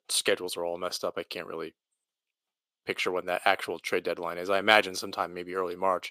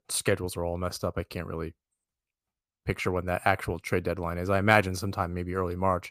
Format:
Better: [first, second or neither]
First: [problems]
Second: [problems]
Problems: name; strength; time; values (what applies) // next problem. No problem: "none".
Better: second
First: thin; somewhat; fading below 400 Hz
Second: none